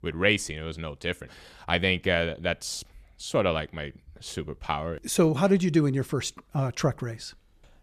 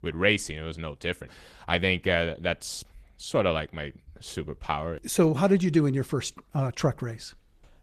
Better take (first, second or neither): first